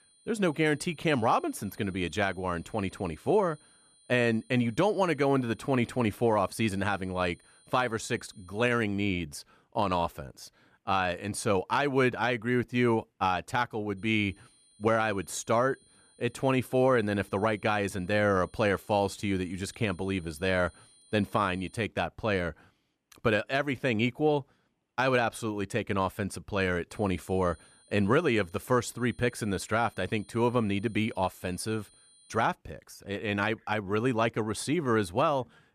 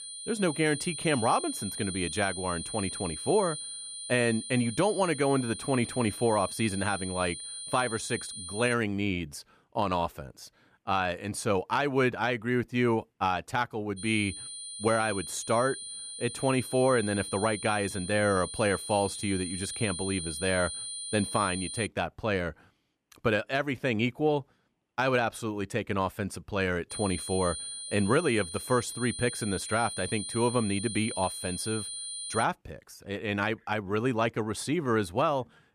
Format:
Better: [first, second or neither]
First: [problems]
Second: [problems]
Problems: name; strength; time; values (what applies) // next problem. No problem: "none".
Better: first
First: high-pitched whine; faint; until 8.5 s, from 14 to 22 s and from 27 to 32 s; 9.5 kHz, 30 dB below the speech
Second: high-pitched whine; loud; until 8.5 s, from 14 to 22 s and from 27 to 32 s; 9.5 kHz, 7 dB below the speech